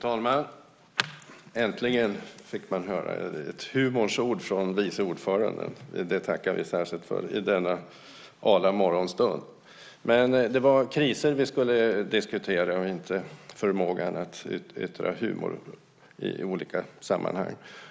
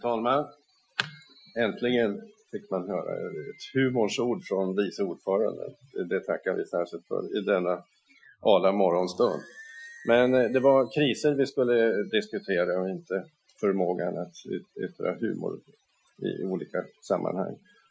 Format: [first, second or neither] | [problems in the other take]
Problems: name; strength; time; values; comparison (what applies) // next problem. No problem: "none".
first | noise reduction (classical method Wiener filter)